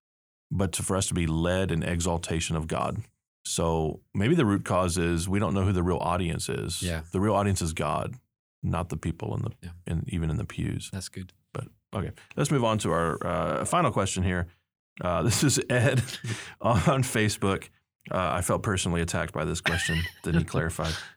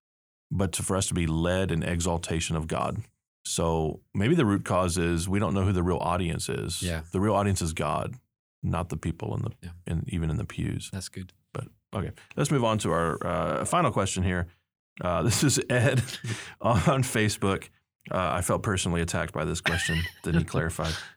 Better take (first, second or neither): neither